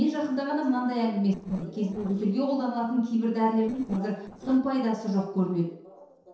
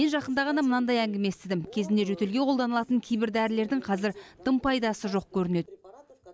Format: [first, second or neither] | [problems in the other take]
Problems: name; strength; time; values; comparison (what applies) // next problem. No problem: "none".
second | noise reduction (neural separator model SepFormer DNS4)